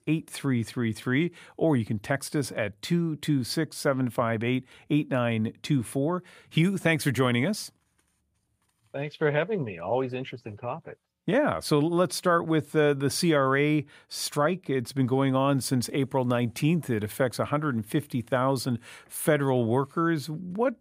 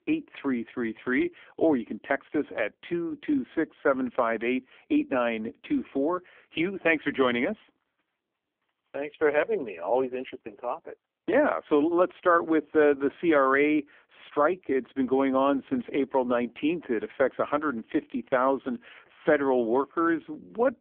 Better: first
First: none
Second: phone-call audio; poor line; nothing above 3.5 kHz

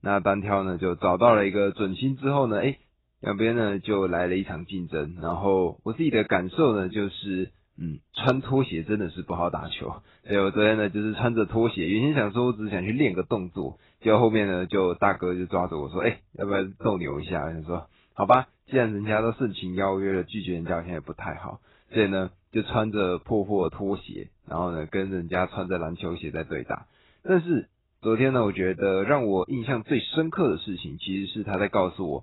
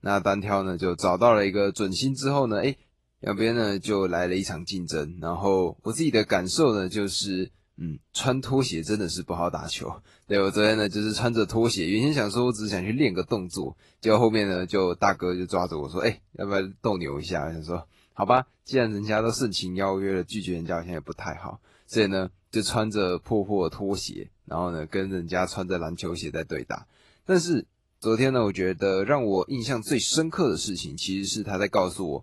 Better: second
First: garbled, watery; badly; nothing above 4 kHz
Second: garbled, watery; slightly; nothing above 11.5 kHz

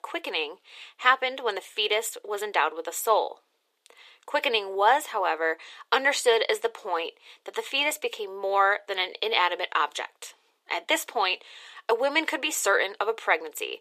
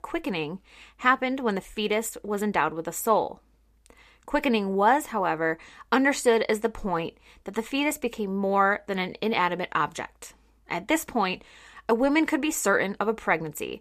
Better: second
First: thin; very; fading below 400 Hz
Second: none

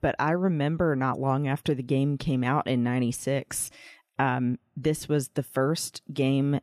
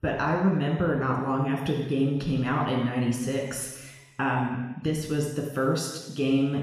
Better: first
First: none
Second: room echo; noticeable; dies away in 1.1 s // off-mic speech; somewhat distant

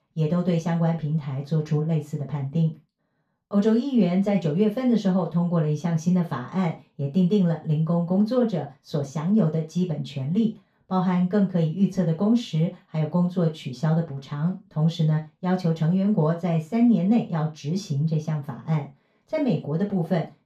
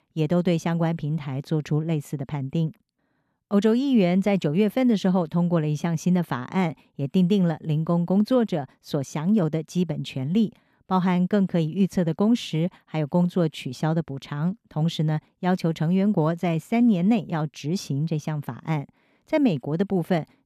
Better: second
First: room echo; slight; dies away in 0.3 s // off-mic speech; far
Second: none

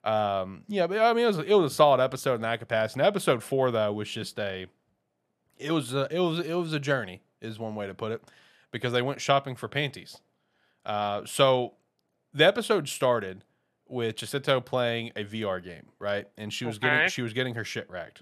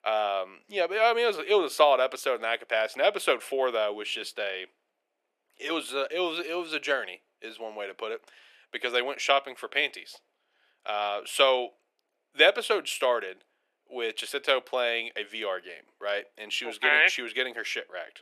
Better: first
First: none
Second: thin; very; fading below 350 Hz

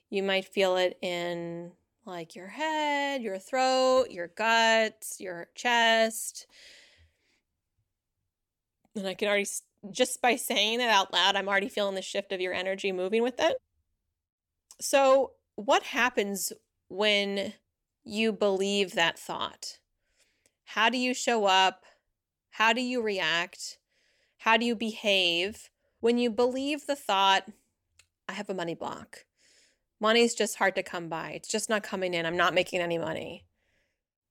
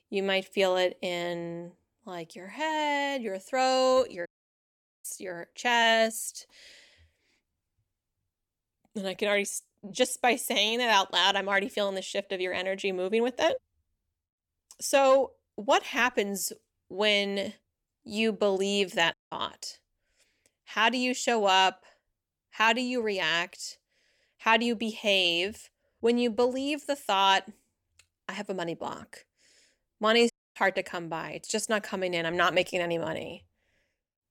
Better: first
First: none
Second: audio cutting out; at 4.5 s for 1 s, at 19 s and at 30 s

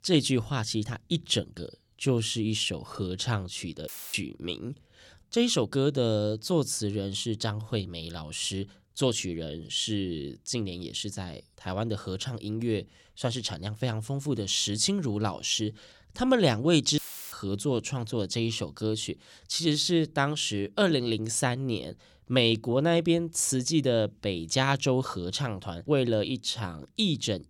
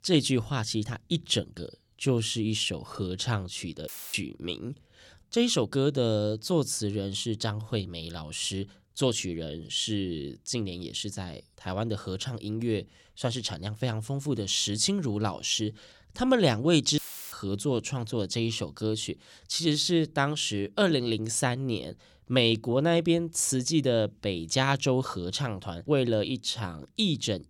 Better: neither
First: audio cutting out; filled with static; at 4 s and at 17 s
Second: audio cutting out; filled with static; at 4 s and at 17 s

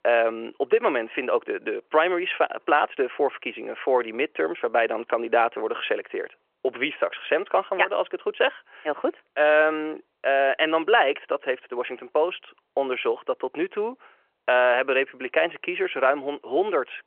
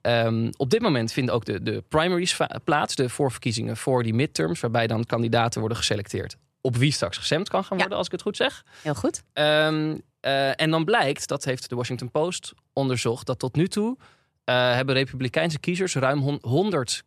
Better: second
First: phone-call audio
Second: none

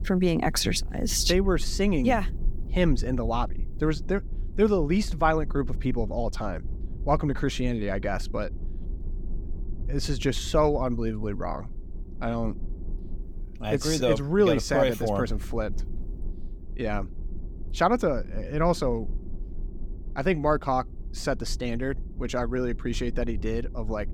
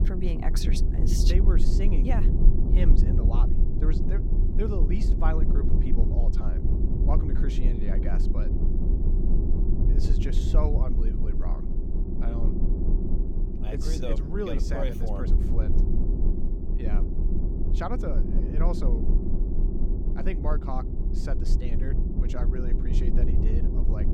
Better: first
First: low rumble; faint; throughout; 25 dB below the speech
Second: low rumble; loud; throughout; 2 dB below the speech

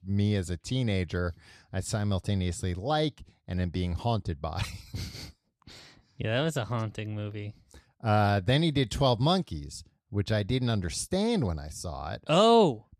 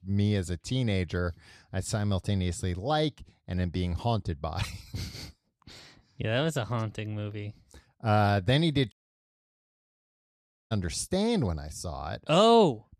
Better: first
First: none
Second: audio cutting out; at 9 s for 2 s

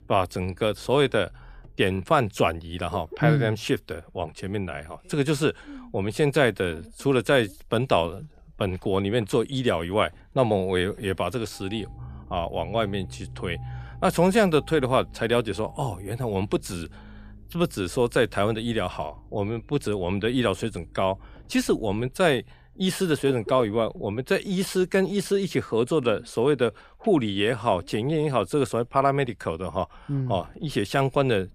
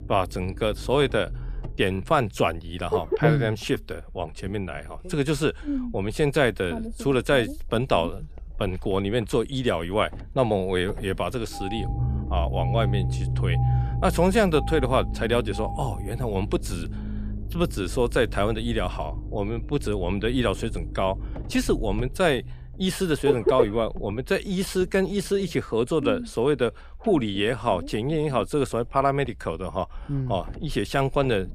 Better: first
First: low rumble; faint; throughout; 25 dB below the speech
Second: low rumble; loud; throughout; 9 dB below the speech

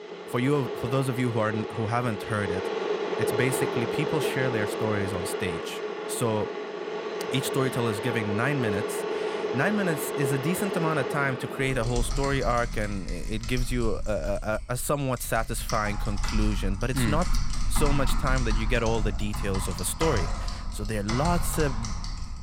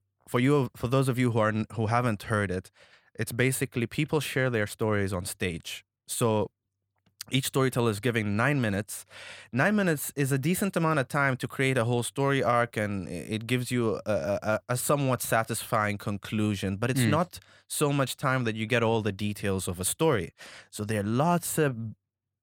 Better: second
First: household noises; loud; throughout; 3 dB below the speech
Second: none

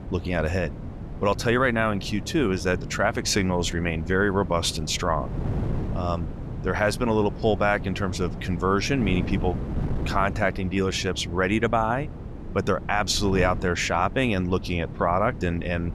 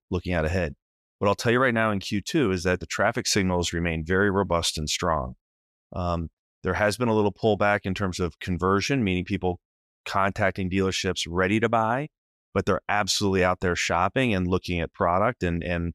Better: second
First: wind noise on the microphone; occasional gusts; 15 dB below the speech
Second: none

